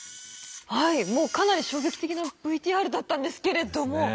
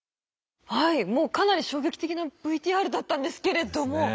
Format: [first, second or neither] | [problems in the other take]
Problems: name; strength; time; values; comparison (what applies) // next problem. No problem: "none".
second | background sound (Camera); 17 dB below the speech